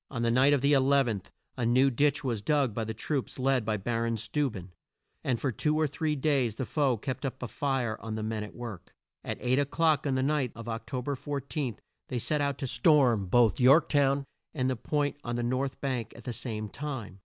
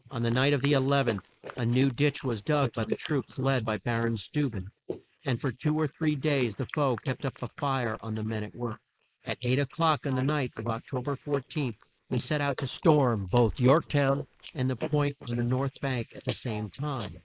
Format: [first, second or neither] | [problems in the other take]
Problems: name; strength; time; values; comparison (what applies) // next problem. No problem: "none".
first | noise reduction (neural mask model Resemble Enhance denoiser)